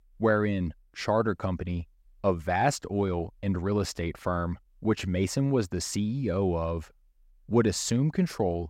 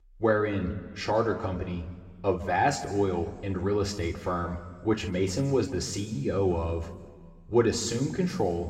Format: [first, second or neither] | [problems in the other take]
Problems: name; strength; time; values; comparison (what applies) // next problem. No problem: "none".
first | room echo; slight; dies away in 1.4 s